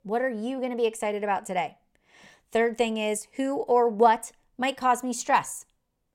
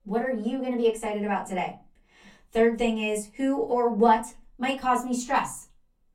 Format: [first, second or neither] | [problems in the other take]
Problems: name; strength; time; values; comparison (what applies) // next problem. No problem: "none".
first | off-mic speech; far // room echo; very slight; dies away in 0.2 s